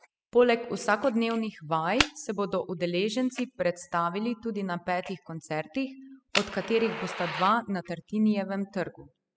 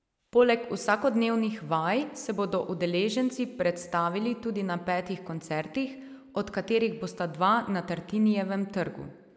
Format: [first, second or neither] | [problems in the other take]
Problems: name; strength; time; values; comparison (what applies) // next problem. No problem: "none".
second | noise reduction (classical method spectral subtraction)